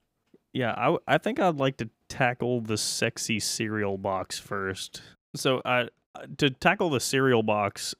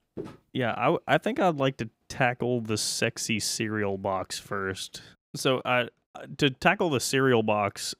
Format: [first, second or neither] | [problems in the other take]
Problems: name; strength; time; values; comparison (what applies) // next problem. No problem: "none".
first | footsteps; faint; at the start; peak 15 dB below the speech